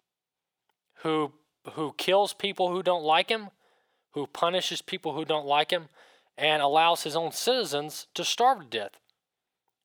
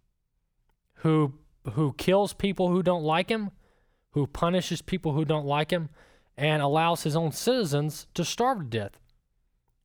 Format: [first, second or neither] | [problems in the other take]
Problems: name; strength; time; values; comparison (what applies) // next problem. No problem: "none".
second | thin; very; fading below 400 Hz